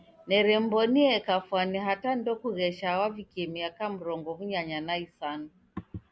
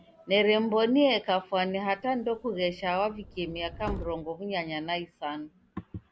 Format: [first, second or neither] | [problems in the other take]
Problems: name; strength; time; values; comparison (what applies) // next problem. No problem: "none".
first | background sound (Subway, metro, underground); 15 dB below the speech